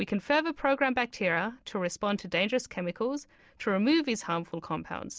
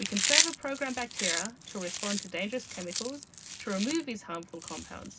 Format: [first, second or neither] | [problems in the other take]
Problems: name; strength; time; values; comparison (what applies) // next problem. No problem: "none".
first | background sound (Chewing, mastication); 2 dB above the speech // room echo; dies away in 0.4 s